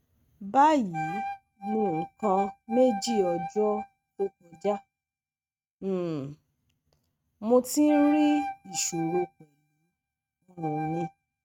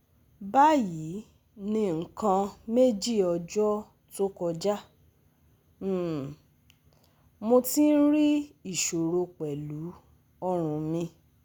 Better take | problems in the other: second | noise reduction (neural mask model RNNoise)

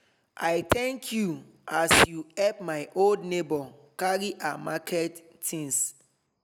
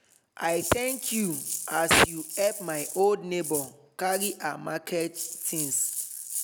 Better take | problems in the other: first | background sound (Rattle (instrument)); 7 dB below the speech

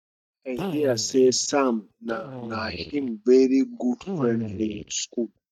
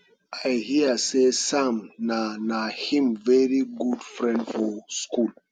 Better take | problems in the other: second | noise reduction (neural mask model DeepFilterNet 3)

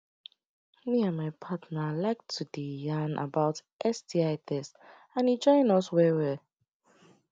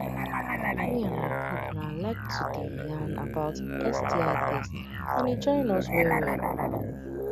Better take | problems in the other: first | background sound (Musical instrument); 2 dB above the speech

